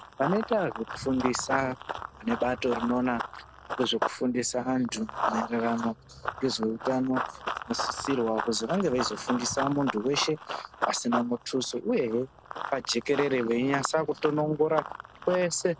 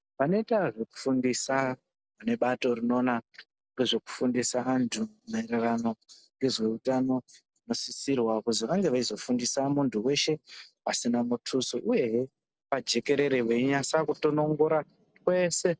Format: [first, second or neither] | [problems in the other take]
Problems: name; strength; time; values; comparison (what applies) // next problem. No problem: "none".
second | background sound (Run); 7 dB below the speech